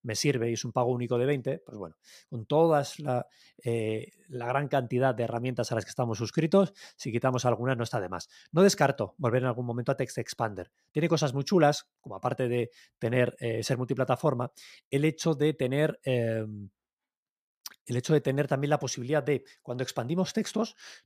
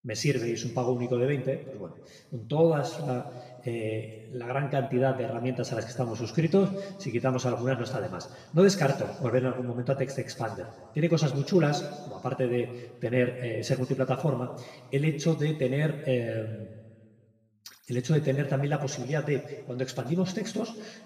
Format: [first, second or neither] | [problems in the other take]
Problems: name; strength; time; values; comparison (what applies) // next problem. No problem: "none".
first | room echo; noticeable; dies away in 1.4 s // off-mic speech; far